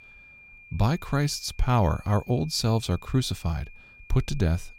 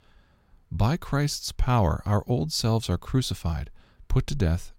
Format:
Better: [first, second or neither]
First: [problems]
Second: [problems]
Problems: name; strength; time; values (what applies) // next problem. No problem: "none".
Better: second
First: high-pitched whine; faint; throughout; 2.5 kHz, 20 dB below the speech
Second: none